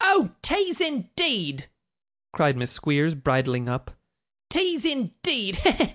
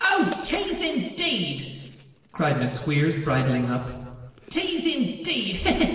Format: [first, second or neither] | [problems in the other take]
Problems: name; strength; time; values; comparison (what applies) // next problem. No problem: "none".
first | noise reduction (neural separator model SepFormer DNS4)